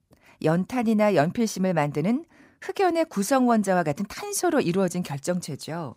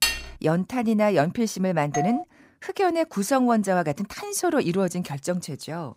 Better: first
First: none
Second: clattering dishes; loud; at the start; peak 1 dB above the speech // doorbell; noticeable; at 2 s; peak 4 dB below the speech

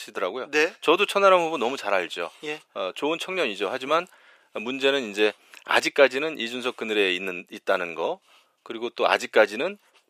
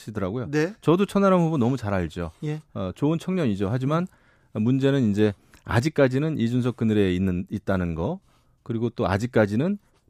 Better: second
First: thin; very; fading below 450 Hz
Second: none

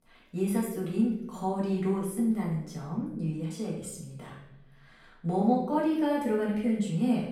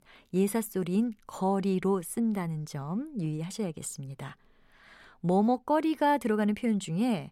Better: second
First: off-mic speech; far // room echo; noticeable; dies away in 0.7 s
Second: none

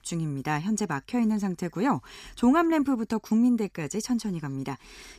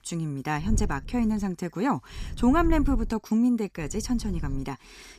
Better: first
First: none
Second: low rumble; faint; at 0.5 s, at 2 s and at 4 s; 20 dB below the speech

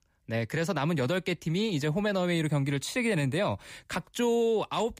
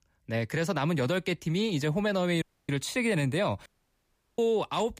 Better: first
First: none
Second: audio cutting out; at 2.5 s and at 3.5 s for 0.5 s

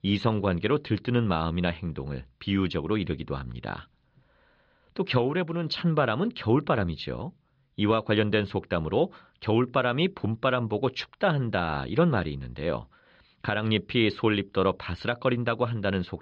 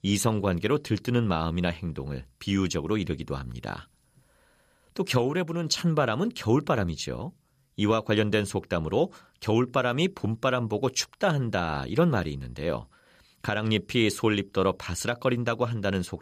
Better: second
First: muffled; slightly; fading above 4 kHz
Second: none

